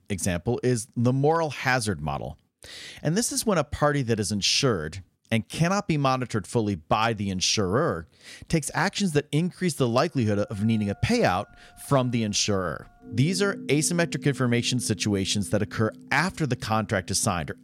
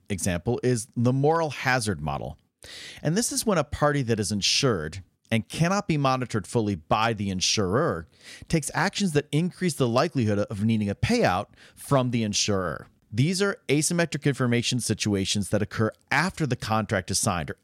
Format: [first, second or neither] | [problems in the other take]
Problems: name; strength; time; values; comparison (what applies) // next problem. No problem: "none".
second | background music; noticeable; from 10 s on; 20 dB below the speech